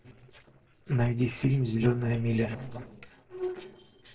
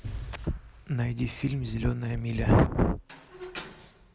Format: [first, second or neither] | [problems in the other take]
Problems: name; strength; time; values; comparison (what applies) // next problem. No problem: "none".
second | noise reduction (neural separator model SepFormer DNS4)